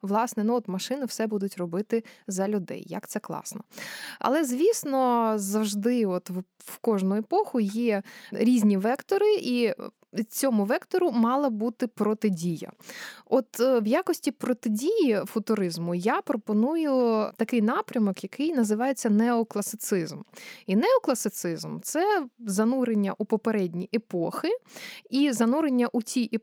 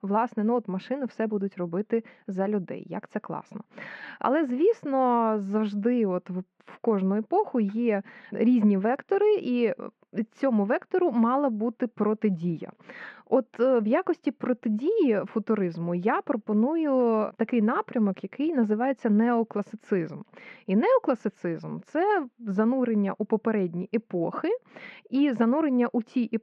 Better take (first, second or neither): first